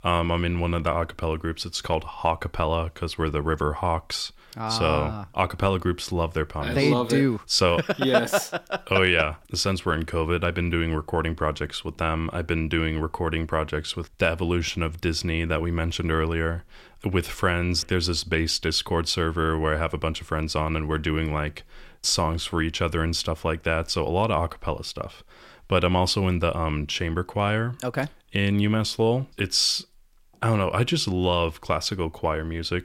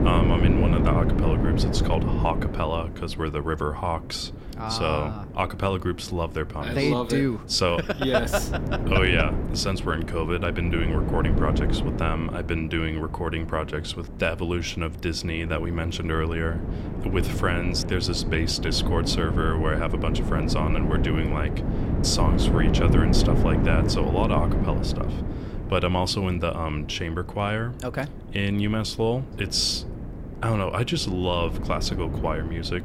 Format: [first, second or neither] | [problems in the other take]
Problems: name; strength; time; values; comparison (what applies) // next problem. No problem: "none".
first | wind noise on the microphone; heavy; 7 dB below the speech